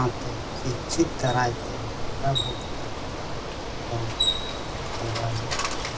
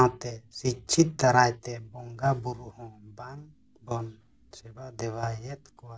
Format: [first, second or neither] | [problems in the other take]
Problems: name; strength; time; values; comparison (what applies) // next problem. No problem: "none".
second | background sound (Bicycle); 1 dB above the speech // room echo; dies away in 0.4 s